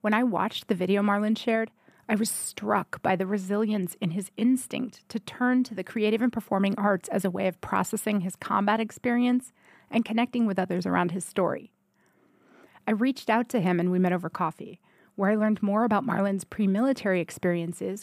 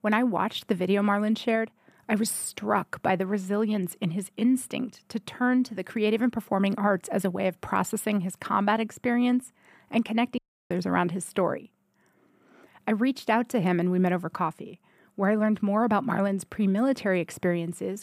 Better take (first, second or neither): first